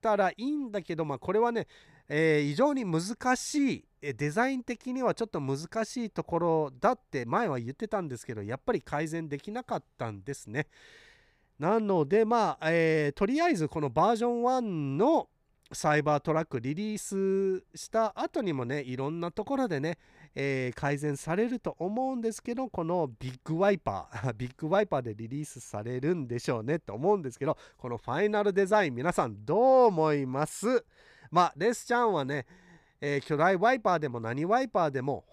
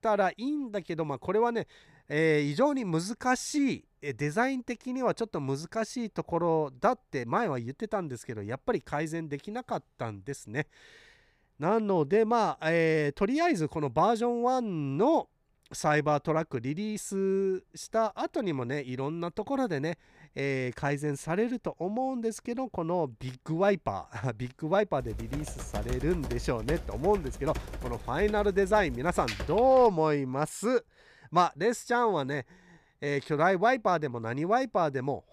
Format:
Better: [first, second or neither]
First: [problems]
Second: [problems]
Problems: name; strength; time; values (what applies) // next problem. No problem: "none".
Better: first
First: none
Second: keyboard typing; noticeable; from 25 to 30 s; peak 7 dB below the speech